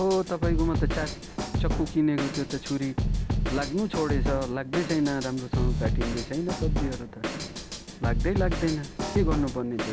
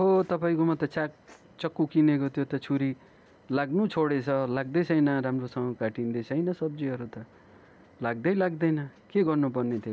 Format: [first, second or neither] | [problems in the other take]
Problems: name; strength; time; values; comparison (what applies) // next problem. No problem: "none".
second | background sound (Drum kit); as loud as the speech